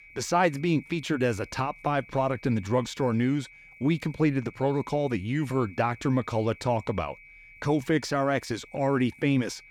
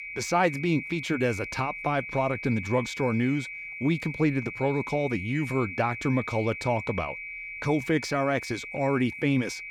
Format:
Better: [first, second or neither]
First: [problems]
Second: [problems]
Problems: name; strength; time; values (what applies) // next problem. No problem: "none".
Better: first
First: high-pitched whine; faint; throughout; 2.5 kHz, 20 dB below the speech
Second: high-pitched whine; loud; throughout; 2.5 kHz, 8 dB below the speech